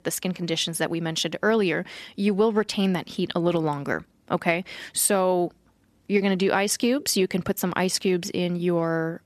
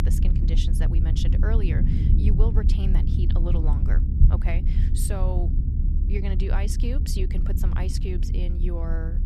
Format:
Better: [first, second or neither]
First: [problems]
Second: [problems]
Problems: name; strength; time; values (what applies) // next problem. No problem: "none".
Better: first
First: none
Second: low rumble; loud; throughout; 2 dB below the speech